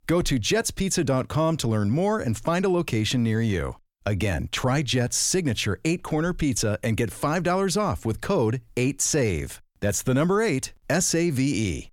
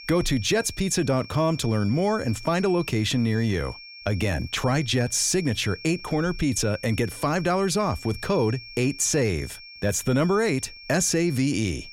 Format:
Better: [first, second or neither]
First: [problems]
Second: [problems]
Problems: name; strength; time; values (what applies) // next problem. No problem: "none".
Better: first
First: none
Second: high-pitched whine; noticeable; throughout; 2.5 kHz, 15 dB below the speech